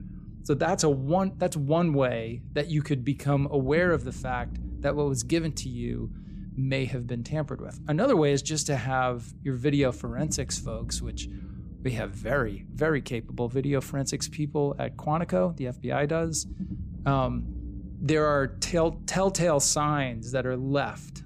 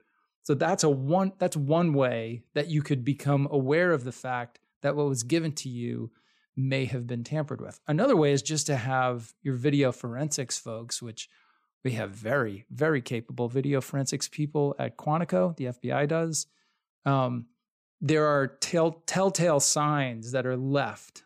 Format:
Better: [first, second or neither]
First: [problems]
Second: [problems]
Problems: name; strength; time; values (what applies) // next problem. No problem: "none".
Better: second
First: low rumble; faint; throughout; 20 dB below the speech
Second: none